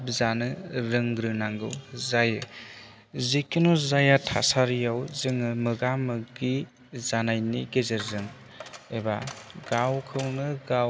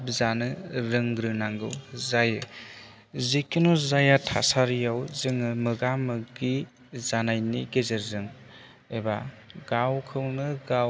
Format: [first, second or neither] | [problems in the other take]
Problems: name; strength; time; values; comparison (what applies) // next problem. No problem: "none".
second | background sound (Coin (dropping)); 17 dB below the speech